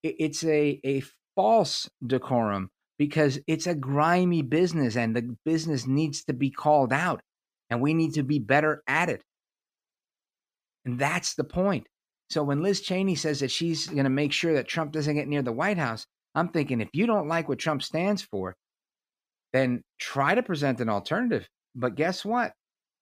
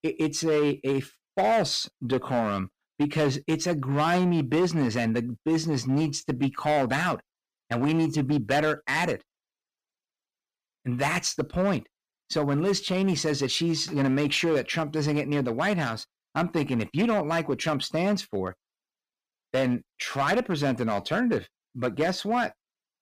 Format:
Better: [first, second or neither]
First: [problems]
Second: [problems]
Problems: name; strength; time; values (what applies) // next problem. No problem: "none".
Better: first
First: none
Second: distortion; slight; 7% of the sound clipped